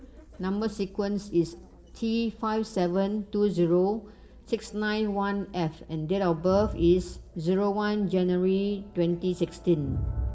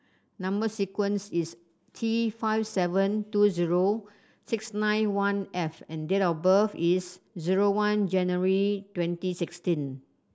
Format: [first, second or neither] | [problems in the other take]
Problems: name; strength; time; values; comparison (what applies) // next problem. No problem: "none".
second | background sound (Crowd); 13 dB below the speech // room echo; dies away in 0.5 s